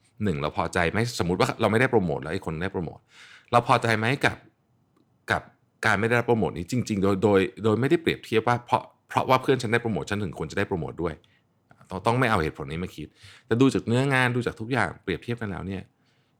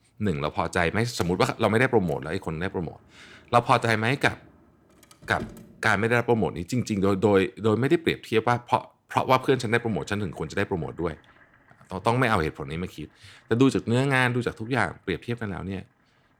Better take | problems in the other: first | household noises; faint; throughout; 25 dB below the speech

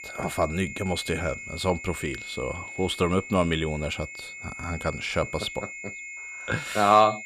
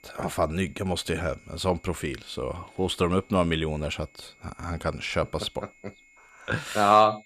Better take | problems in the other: second | high-pitched whine; loud; throughout; 2 kHz, 10 dB below the speech; faint in the second

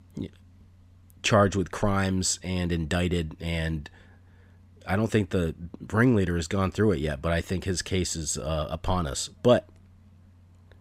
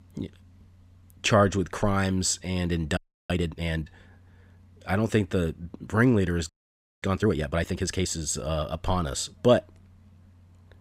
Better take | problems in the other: first | audio freezing; at 3 s and at 6.5 s for 0.5 s

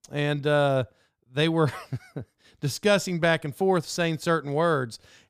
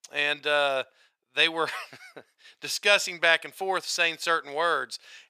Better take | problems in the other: first | thin; very; fading below 650 Hz

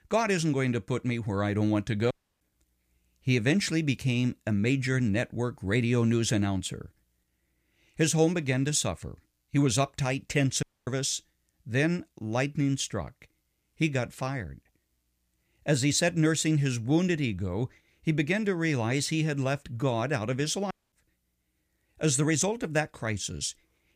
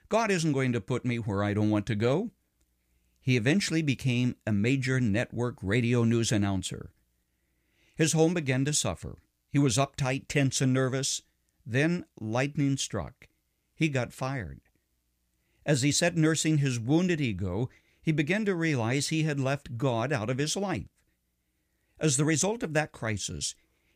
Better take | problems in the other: second | audio cutting out; at 2 s, at 11 s and at 21 s

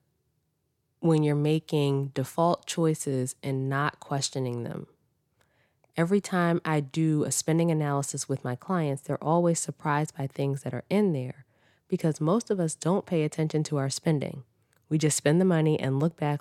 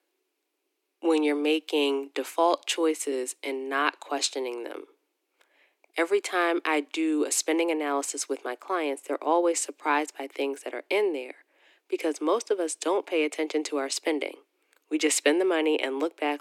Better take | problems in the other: first | thin; somewhat; fading below 300 Hz

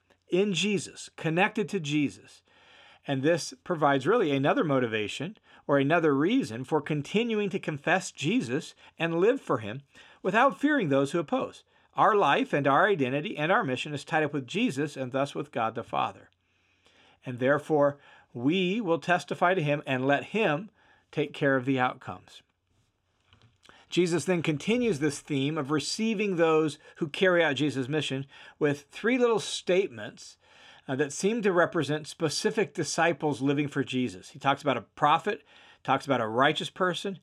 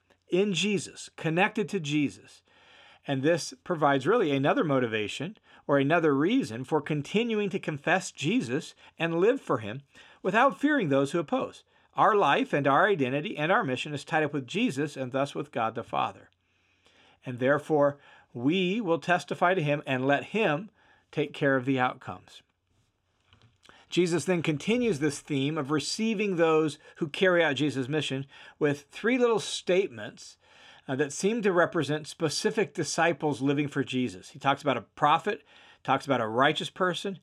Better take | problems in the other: neither | none

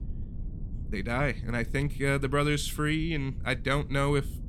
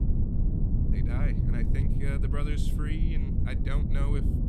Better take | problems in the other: first | low rumble; loud; throughout; as loud as the speech; faint in the first

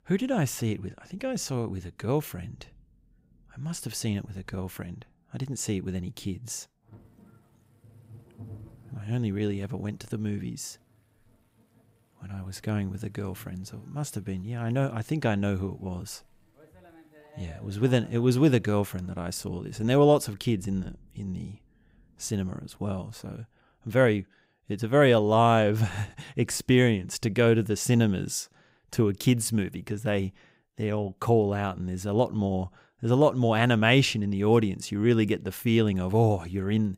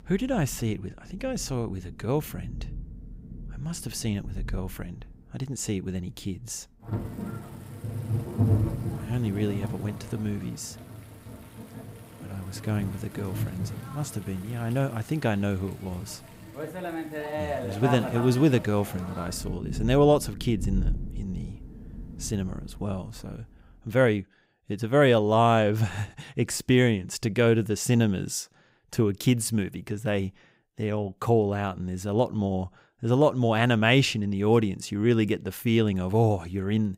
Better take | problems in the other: first | rain or running water; loud; until 24 s; 9 dB below the speech; faint in the first

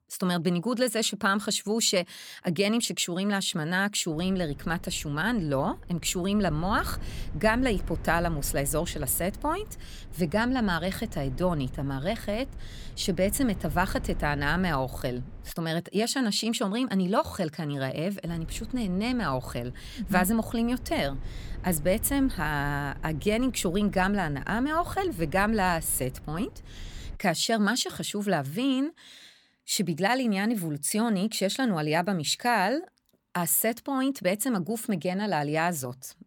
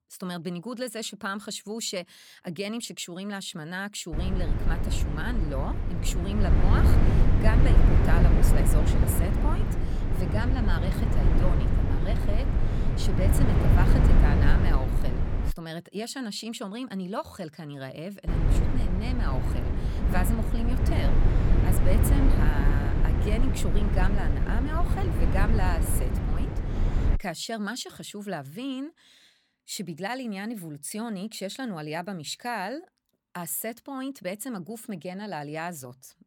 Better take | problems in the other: first | low rumble; loud; from 4 to 16 s and from 18 to 27 s; 1 dB below the speech; faint in the first

